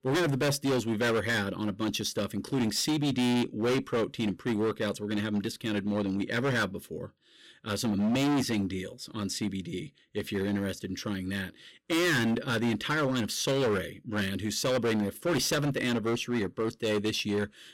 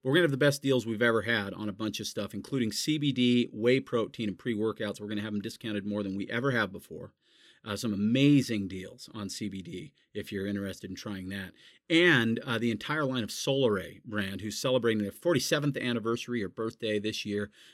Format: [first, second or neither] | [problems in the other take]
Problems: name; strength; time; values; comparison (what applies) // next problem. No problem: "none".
second | distortion; heavy; 16% of the sound clipped